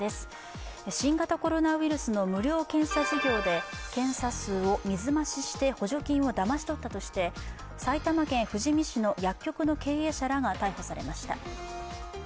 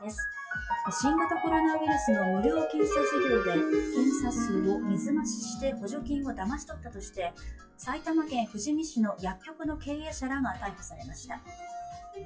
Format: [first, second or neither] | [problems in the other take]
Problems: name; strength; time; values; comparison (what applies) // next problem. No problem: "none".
first | noise reduction (classical method WPE with log-MMSE)